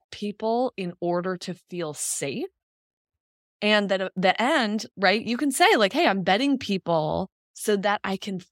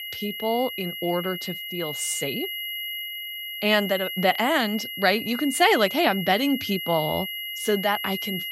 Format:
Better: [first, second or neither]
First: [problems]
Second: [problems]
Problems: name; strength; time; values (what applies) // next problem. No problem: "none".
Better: first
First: none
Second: high-pitched whine; loud; throughout; 3 kHz, 6 dB below the speech